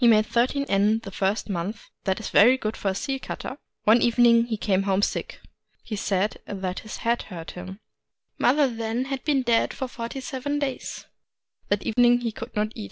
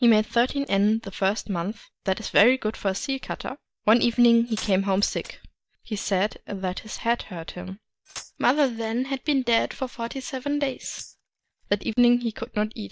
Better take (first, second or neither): first